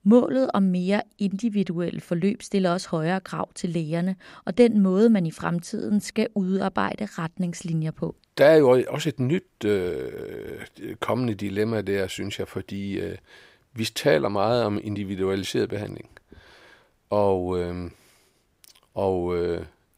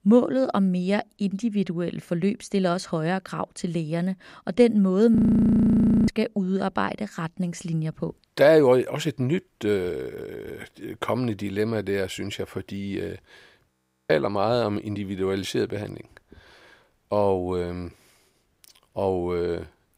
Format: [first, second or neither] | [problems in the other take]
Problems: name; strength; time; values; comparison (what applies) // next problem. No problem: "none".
first | audio freezing; at 5 s for 1 s and at 14 s